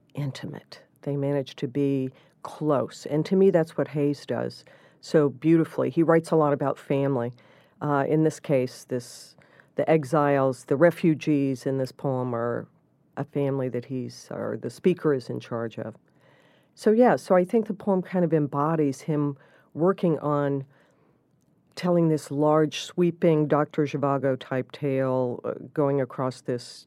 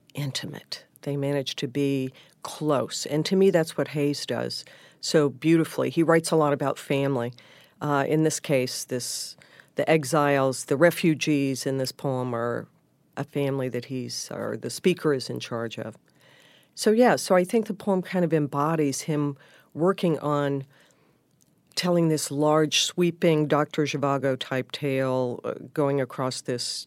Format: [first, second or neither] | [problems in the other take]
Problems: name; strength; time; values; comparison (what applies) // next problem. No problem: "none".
second | muffled; slightly; fading above 2 kHz